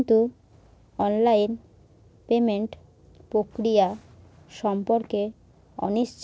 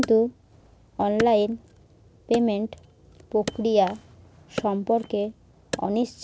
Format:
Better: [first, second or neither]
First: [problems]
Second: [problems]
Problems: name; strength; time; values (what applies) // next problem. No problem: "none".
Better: first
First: none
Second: background sound (Wood); 13 dB below the speech